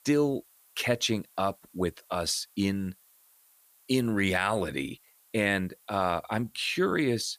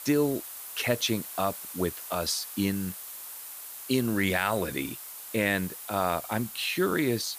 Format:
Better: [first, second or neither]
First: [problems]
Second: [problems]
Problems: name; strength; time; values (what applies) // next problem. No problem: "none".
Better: first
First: hiss; faint; throughout; 30 dB below the speech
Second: hiss; loud; throughout; 9 dB below the speech